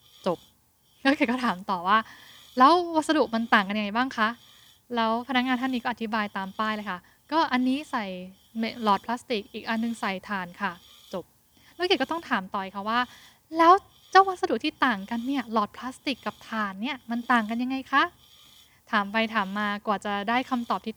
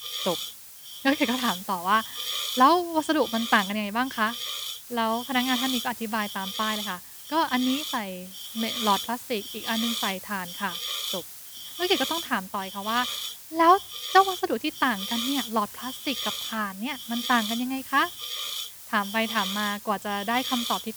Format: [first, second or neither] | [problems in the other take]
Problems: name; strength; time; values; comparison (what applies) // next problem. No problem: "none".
first | hiss; loud; throughout; 5 dB below the speech; faint in the first